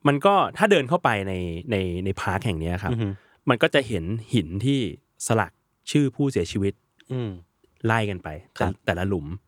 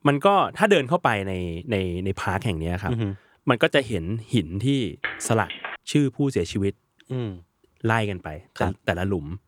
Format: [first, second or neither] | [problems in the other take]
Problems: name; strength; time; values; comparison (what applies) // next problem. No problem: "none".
first | phone ringing; noticeable; at 5 s; peak 7 dB below the speech